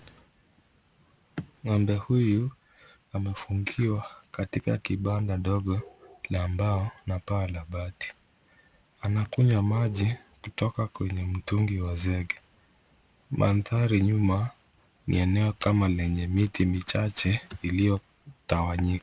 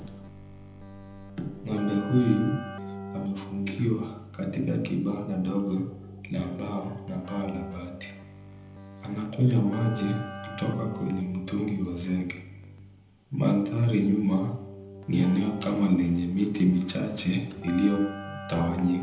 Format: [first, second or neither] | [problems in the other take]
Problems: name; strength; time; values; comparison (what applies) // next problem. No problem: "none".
first | background sound (Keyboard (musical)); 14 dB below the speech // room echo; dies away in 0.8 s